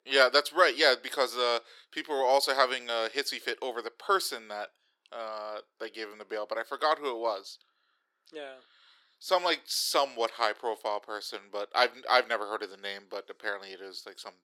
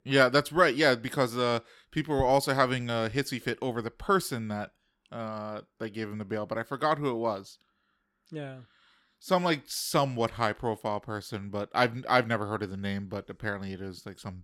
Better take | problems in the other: second | thin; very; fading below 400 Hz

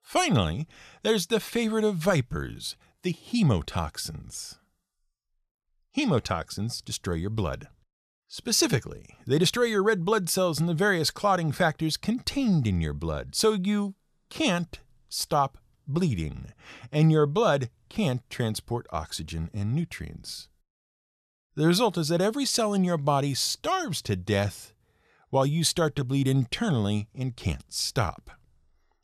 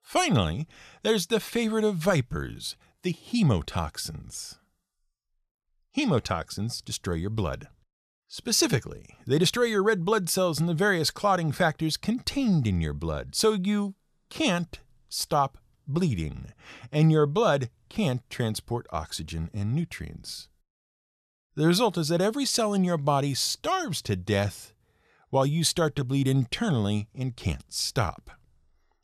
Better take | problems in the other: neither | none

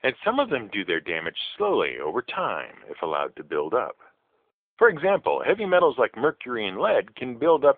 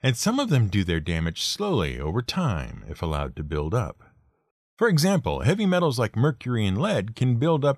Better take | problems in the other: second | phone-call audio; nothing above 3.5 kHz

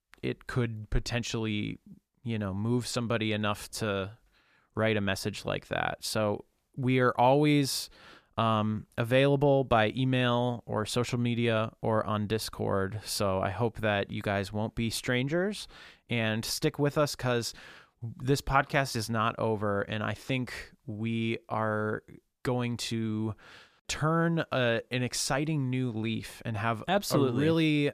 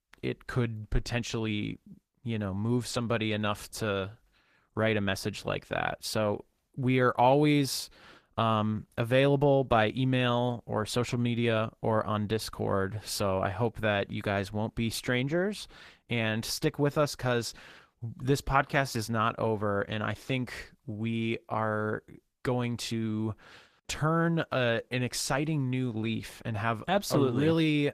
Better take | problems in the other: first | garbled, watery; slightly; nothing above 14.5 kHz

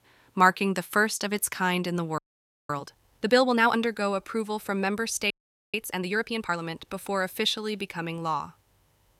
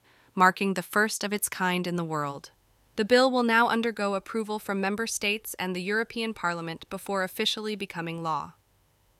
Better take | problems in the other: second | audio freezing; at 2 s for 0.5 s and at 5.5 s

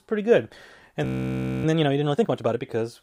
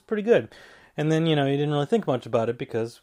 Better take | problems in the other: second | audio freezing; at 1 s for 0.5 s

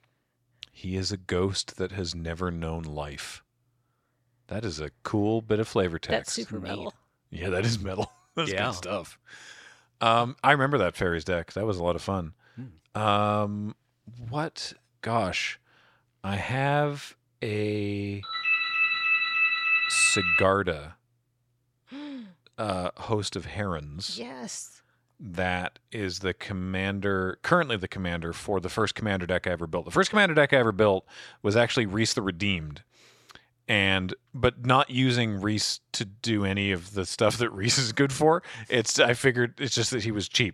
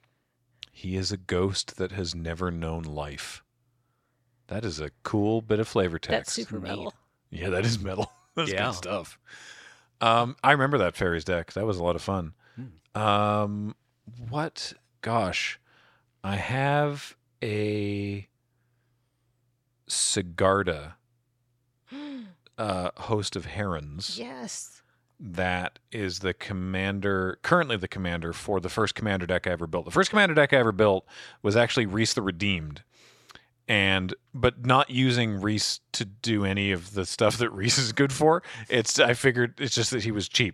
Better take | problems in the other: second | phone ringing; loud; from 18 to 20 s; peak 6 dB above the speech

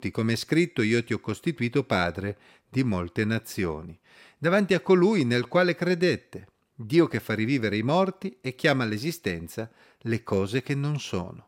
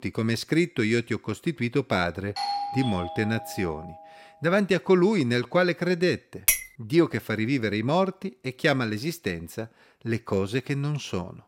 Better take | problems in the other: first | doorbell; noticeable; from 2.5 to 4 s; peak 3 dB below the speech // clattering dishes; loud; at 6.5 s; peak 3 dB above the speech

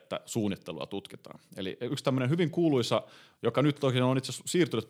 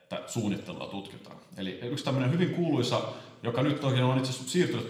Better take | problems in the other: first | room echo; slight; dies away in 0.9 s

